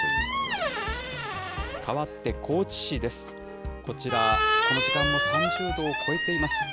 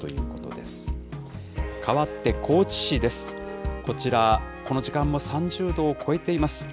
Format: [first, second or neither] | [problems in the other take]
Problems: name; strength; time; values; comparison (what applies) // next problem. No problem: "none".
second | background sound (Squeak); 2 dB above the speech